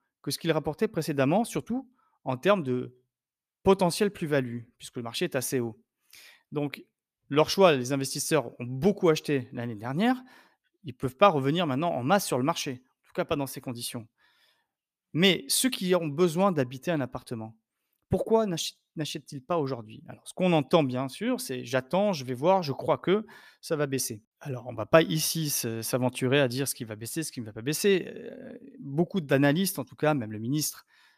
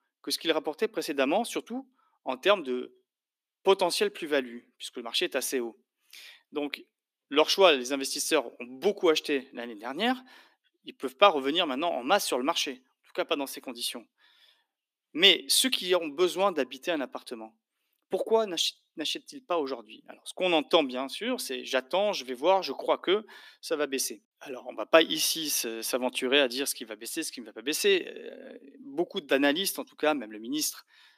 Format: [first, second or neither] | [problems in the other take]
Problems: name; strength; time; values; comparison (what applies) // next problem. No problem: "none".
first | thin; very slightly; fading below 250 Hz